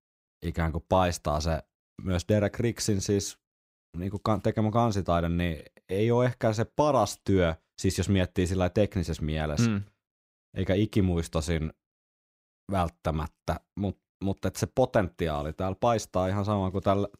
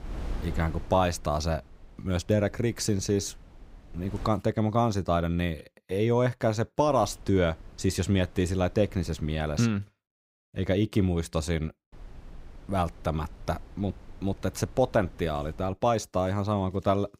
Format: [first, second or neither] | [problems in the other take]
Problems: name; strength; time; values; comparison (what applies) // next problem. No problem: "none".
first | wind noise on the microphone; occasional gusts; until 4.5 s, from 7 to 9.5 s and from 12 to 16 s; 25 dB below the speech